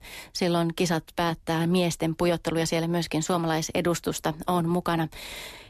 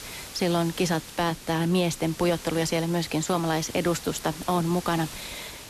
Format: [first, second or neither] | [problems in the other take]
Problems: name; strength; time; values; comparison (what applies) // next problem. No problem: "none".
first | hiss; noticeable; throughout; 15 dB below the speech